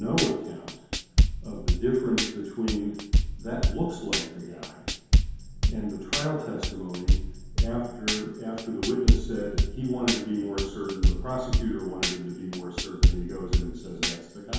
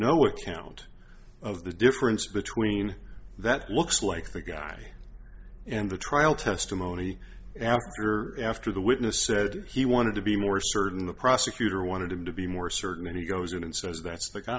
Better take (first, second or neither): second